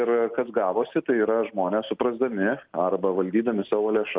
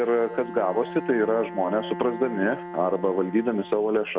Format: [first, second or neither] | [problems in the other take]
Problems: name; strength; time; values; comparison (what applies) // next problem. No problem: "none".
first | background sound (Bowed string instrument); 12 dB below the speech